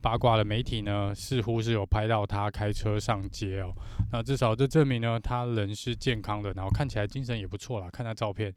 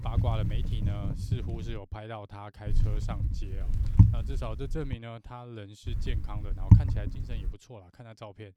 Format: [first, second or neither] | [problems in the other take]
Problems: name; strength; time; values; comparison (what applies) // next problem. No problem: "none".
first | wind noise on the microphone; heavy; until 2 s, from 2.5 to 5 s and from 6 to 7.5 s; 3 dB above the speech; occasional gusts in the first